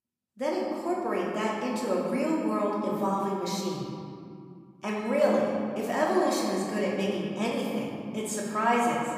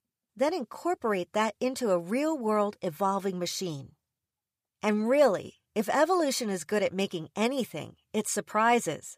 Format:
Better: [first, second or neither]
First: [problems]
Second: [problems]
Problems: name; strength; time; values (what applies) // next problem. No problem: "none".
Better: second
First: room echo; noticeable; dies away in 2.2 s // off-mic speech; far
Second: none